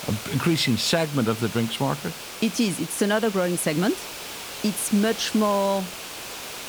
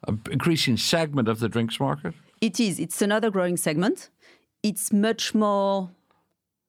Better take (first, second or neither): second